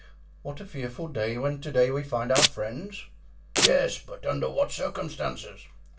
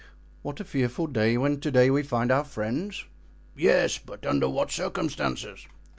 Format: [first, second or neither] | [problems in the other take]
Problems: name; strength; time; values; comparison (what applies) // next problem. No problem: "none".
second | background sound (Domestic sounds, home sounds); 3 dB above the speech // room echo; dies away in 0.2 s